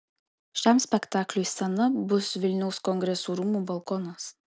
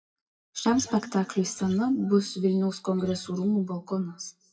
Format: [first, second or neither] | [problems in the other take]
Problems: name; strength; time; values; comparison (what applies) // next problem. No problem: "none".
first | noise reduction (classical method WPE with log-MMSE)